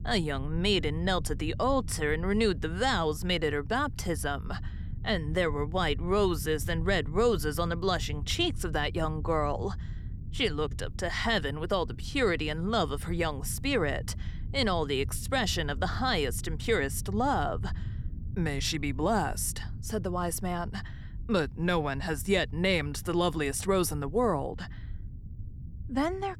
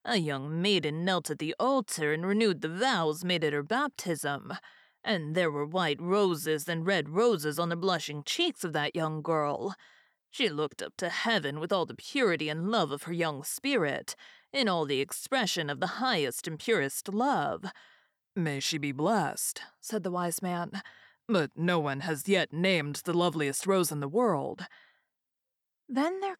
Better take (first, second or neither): second